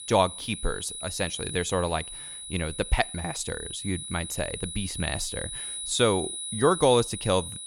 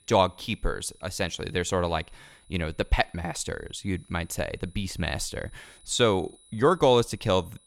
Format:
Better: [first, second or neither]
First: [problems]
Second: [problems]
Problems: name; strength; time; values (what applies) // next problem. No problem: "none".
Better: second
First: high-pitched whine; loud; throughout; 10 kHz, 7 dB below the speech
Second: high-pitched whine; faint; throughout; 10 kHz, 30 dB below the speech